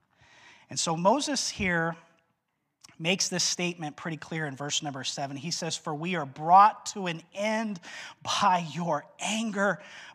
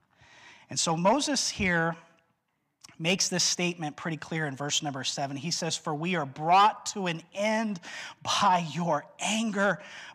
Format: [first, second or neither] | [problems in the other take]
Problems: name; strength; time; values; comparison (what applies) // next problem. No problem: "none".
first | distortion; slight; 10 dB below the speech